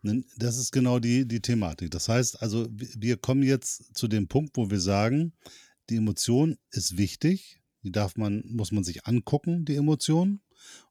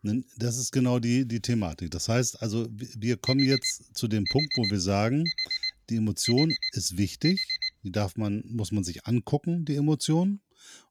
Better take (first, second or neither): first